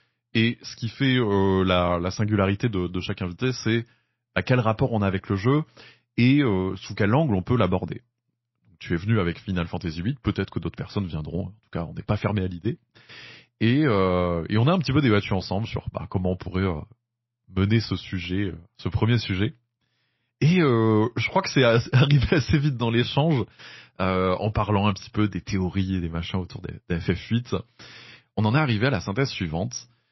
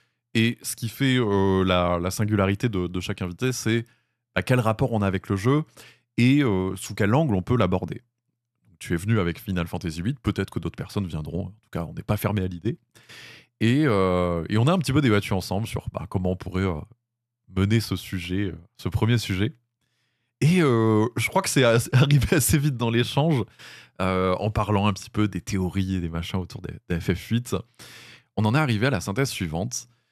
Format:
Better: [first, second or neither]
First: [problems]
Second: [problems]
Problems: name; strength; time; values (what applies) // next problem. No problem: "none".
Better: second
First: garbled, watery; slightly; nothing above 6 kHz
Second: none